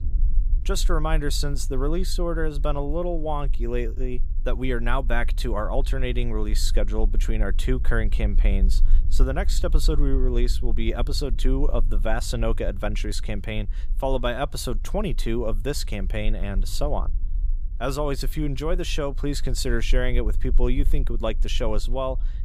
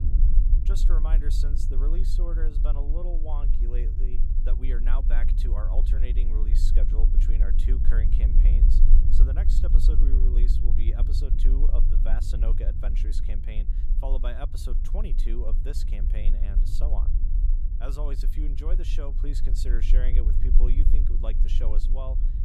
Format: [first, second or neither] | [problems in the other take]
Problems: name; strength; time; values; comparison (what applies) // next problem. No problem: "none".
first | low rumble; loud; throughout; 5 dB below the speech; faint in the first